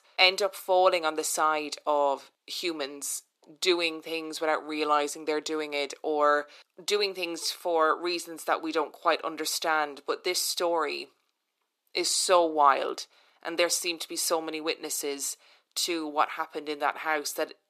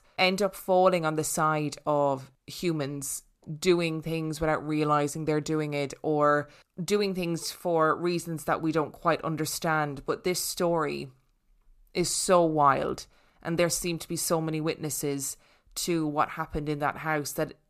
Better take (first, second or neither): second